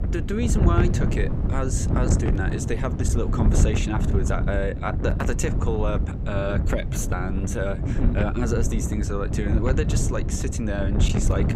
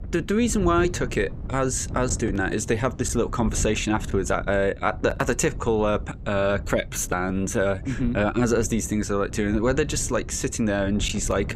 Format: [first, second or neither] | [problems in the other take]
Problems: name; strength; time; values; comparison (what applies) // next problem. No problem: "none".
second | wind noise on the microphone; heavy; 5 dB below the speech; occasional gusts in the second